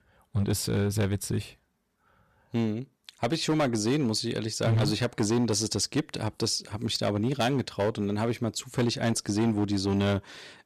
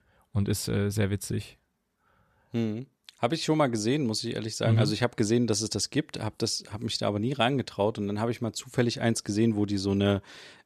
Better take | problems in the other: second | distortion; slight; 7% of the sound clipped

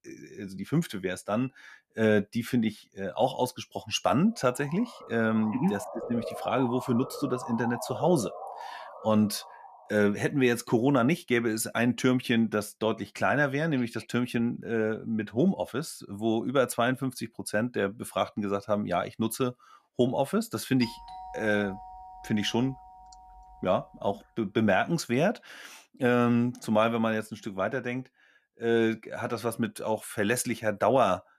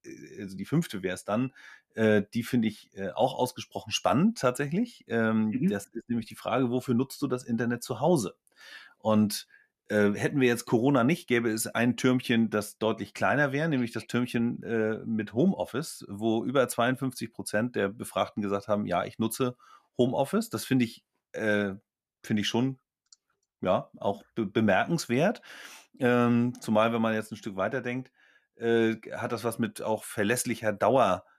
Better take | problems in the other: second | siren; noticeable; from 4.5 to 10 s; peak 8 dB below the speech // doorbell; faint; from 21 to 24 s; peak 10 dB below the speech

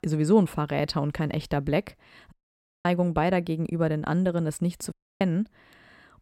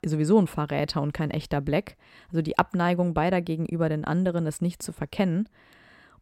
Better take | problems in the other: second | audio cutting out; at 2.5 s for 0.5 s and at 5 s

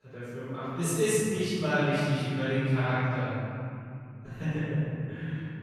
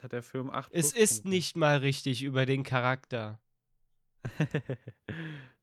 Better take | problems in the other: second | off-mic speech; far // room echo; strong; dies away in 2.9 s

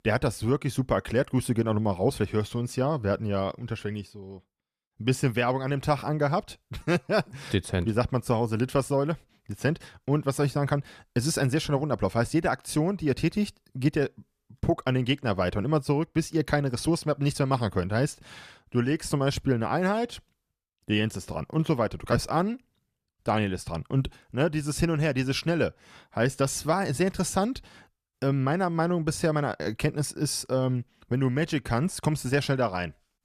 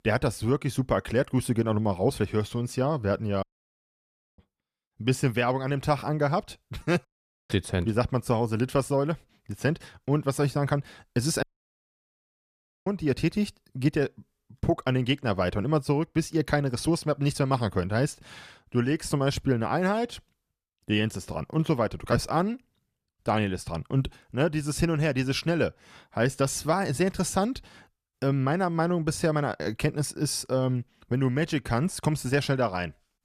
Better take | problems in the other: first | audio cutting out; at 3.5 s for 1 s, at 7 s and at 11 s for 1.5 s

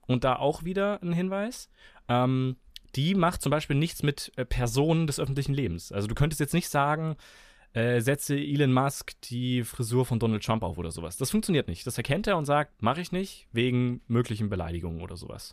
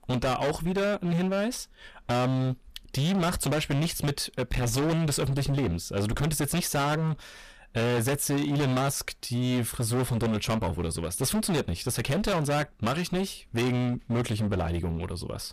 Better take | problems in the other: first | distortion; heavy; 26% of the sound clipped

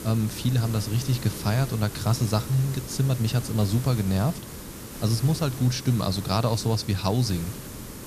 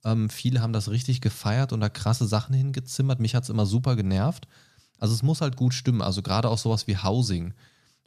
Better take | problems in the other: second | hiss; noticeable; throughout; 10 dB below the speech

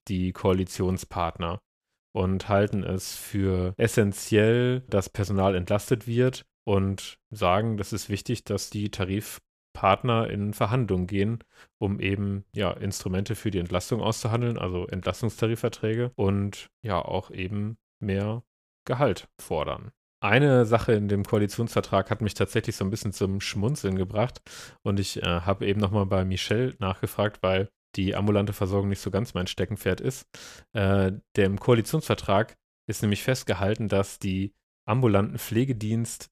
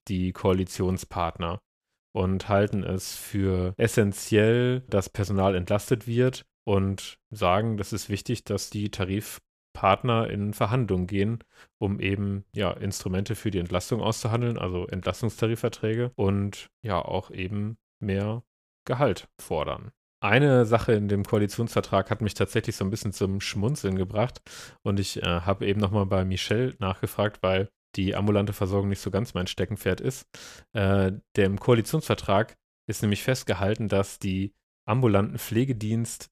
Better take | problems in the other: neither | none

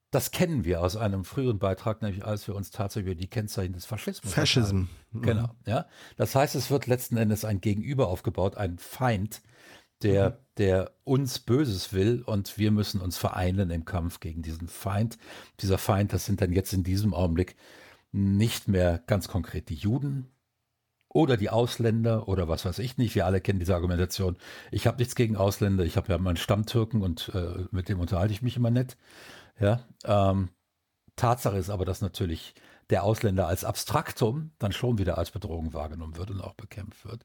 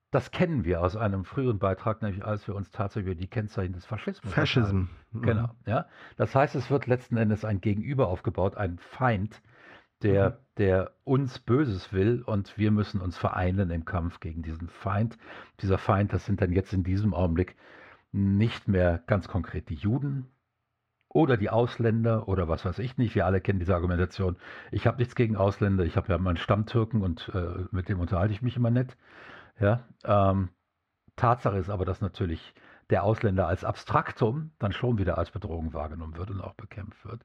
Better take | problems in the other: first | muffled; slightly; fading above 2 kHz

